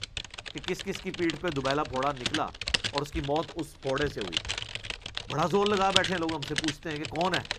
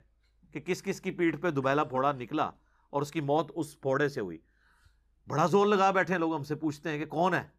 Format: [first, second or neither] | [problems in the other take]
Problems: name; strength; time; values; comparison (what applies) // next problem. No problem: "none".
second | household noises; loud; throughout; 3 dB below the speech